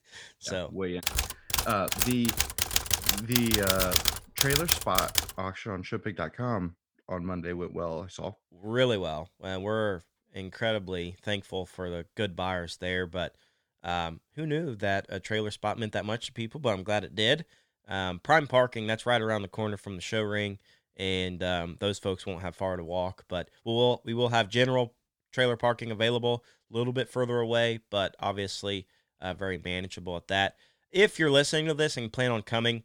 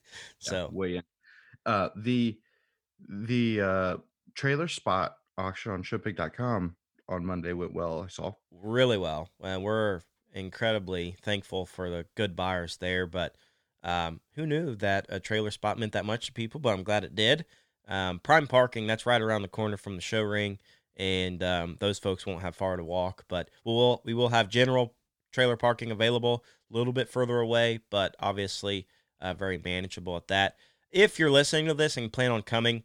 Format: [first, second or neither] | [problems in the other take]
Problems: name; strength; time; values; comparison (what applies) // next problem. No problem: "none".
second | keyboard typing; loud; from 1 to 5.5 s; peak 6 dB above the speech